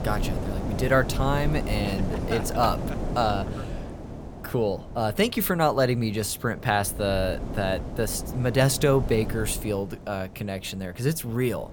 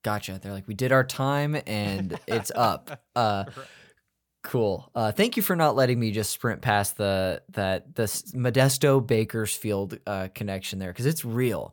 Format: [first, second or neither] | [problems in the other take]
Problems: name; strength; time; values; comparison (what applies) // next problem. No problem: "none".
second | wind noise on the microphone; occasional gusts; 10 dB below the speech